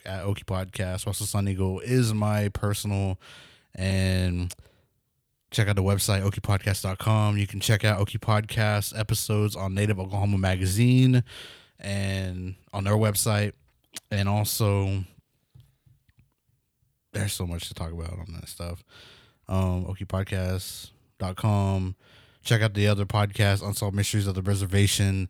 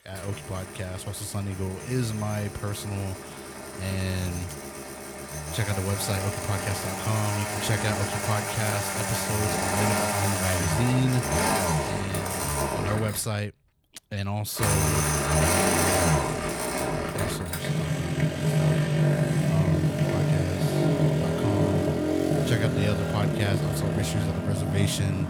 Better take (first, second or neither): first